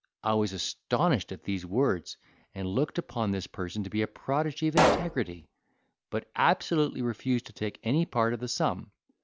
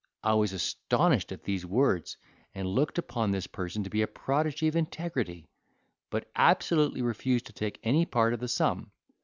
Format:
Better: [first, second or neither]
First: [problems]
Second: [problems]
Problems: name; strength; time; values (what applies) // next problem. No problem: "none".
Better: second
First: background sound (Explosion); 1 dB above the speech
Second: none